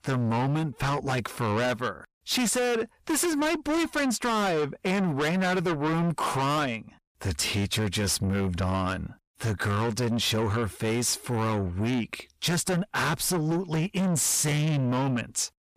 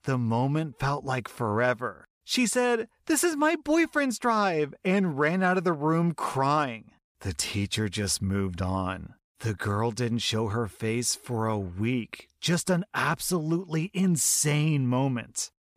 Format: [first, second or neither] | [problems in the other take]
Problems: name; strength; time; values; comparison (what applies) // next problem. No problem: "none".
second | distortion; heavy; 6 dB below the speech